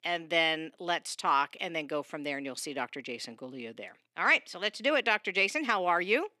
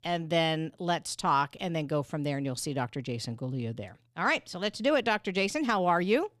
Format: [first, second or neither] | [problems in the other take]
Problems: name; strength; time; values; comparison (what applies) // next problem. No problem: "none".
second | thin; somewhat; fading below 250 Hz